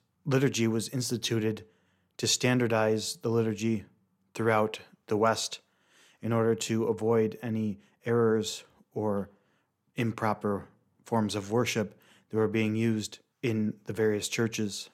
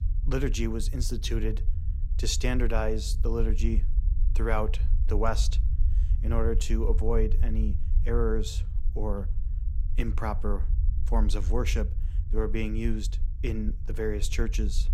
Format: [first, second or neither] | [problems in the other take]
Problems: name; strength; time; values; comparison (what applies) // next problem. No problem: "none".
first | low rumble; noticeable; throughout; 15 dB below the speech